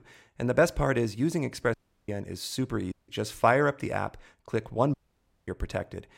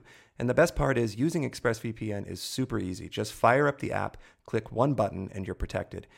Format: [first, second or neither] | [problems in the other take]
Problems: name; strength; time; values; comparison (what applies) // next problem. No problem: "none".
second | audio cutting out; at 1.5 s, at 3 s and at 5 s for 0.5 s